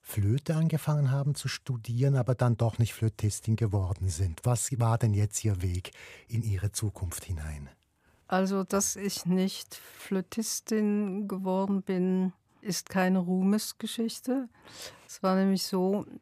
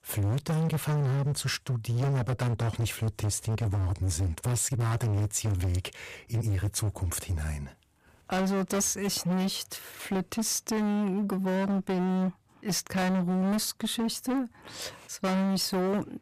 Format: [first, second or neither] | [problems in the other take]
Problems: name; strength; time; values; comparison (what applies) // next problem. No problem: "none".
first | distortion; heavy; 28% of the sound clipped